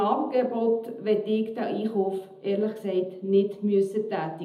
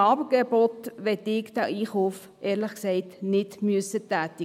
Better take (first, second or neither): second